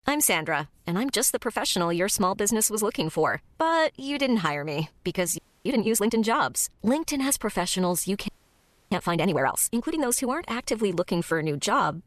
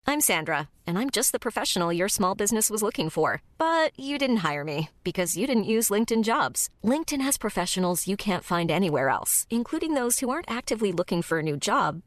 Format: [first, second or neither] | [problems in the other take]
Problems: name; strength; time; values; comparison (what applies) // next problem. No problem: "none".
second | audio freezing; at 5.5 s and at 8.5 s for 0.5 s